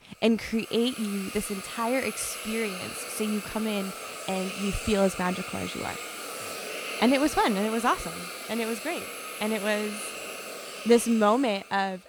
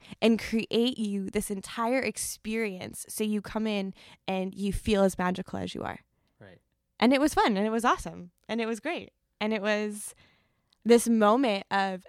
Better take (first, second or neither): second